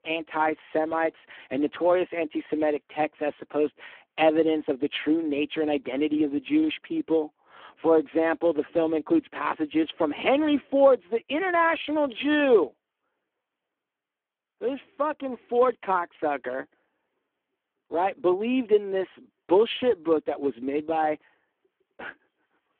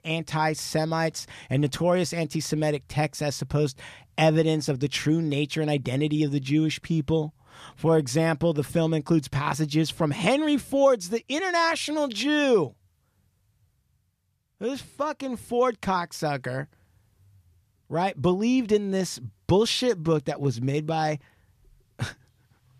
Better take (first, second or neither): second